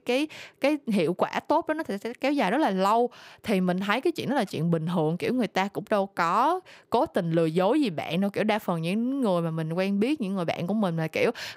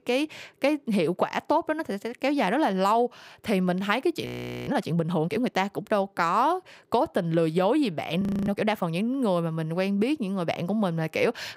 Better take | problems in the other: first | audio freezing; at 4.5 s and at 8 s

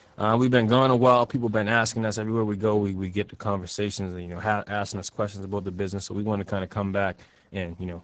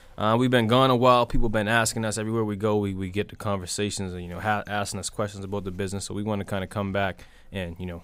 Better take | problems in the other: second | garbled, watery; badly; nothing above 8 kHz

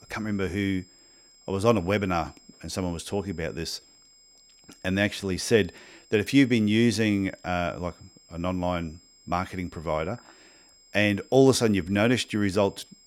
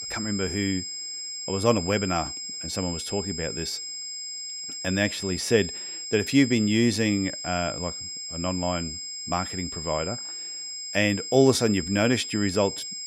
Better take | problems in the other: first | high-pitched whine; loud; throughout; 5 kHz, 6 dB below the speech; faint in the first

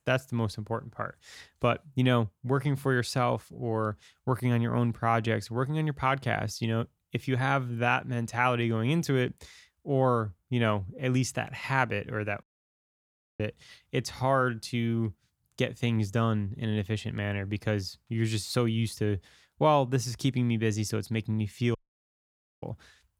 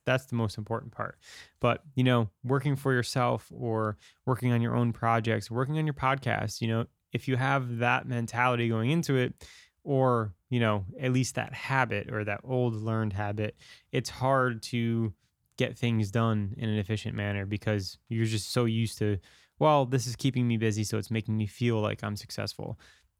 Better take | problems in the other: second | audio cutting out; at 12 s for 1 s and at 22 s for 1 s

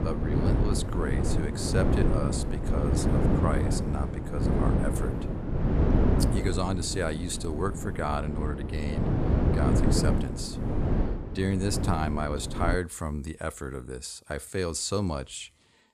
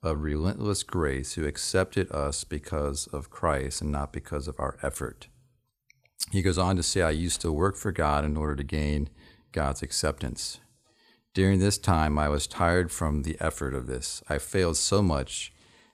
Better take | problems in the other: second | wind noise on the microphone; heavy; until 13 s; 1 dB below the speech

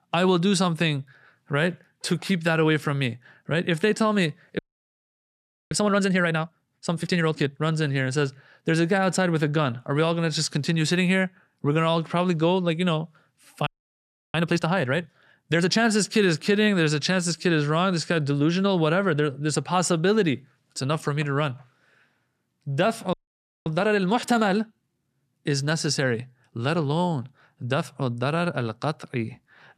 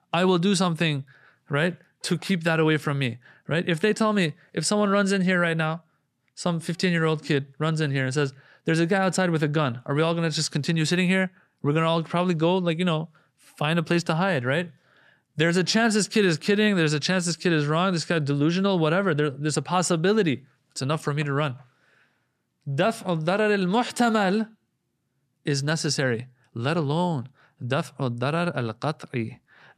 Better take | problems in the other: second | audio freezing; at 4.5 s for 1 s, at 14 s for 0.5 s and at 23 s for 0.5 s

